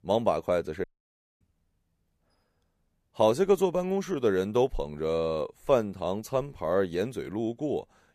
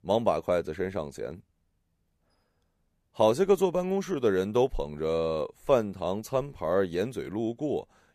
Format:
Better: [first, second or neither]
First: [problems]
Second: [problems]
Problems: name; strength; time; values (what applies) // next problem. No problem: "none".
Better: second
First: audio cutting out; at 1 s for 0.5 s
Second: none